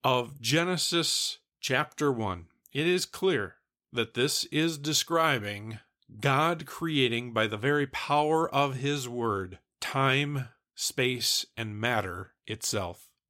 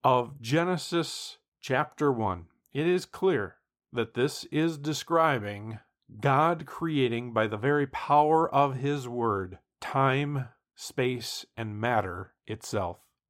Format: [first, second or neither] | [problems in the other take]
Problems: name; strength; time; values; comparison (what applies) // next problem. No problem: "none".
first | muffled; slightly; fading above 2 kHz